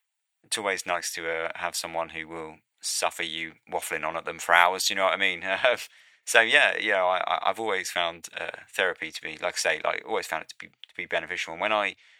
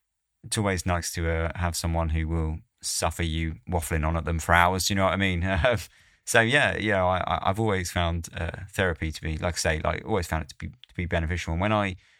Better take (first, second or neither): second